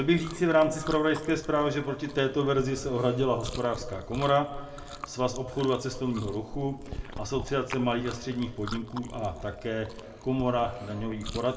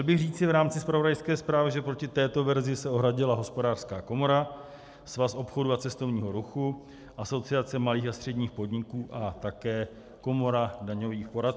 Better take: second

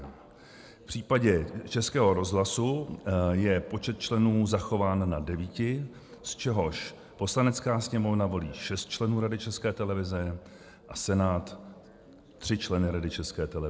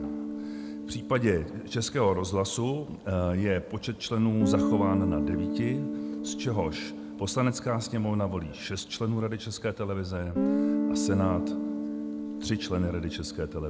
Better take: first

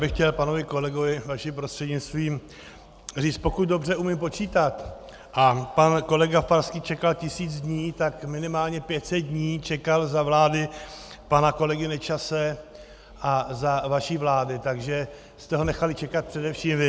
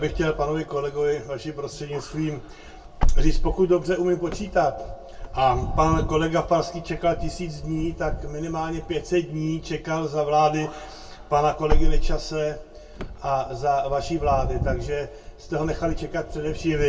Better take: first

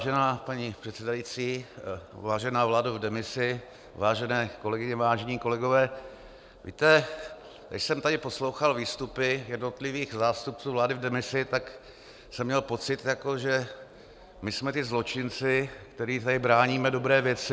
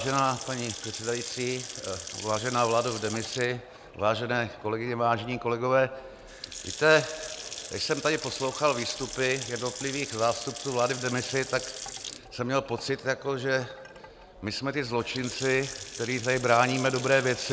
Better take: first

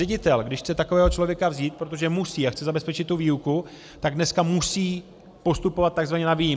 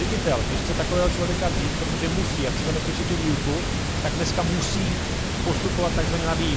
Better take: first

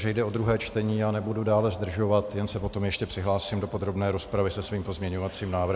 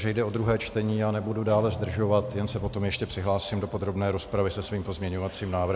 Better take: first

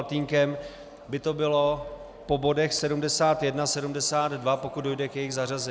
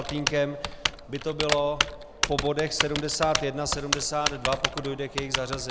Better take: first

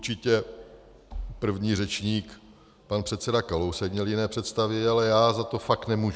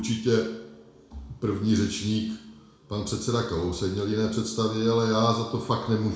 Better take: first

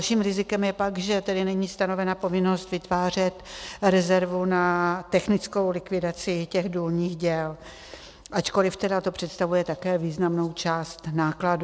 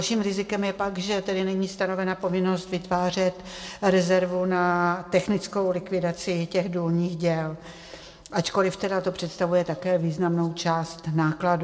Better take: first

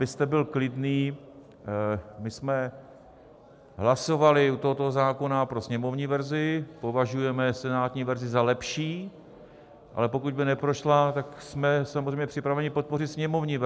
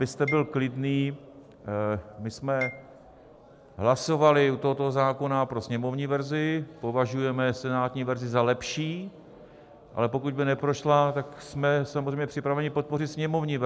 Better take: first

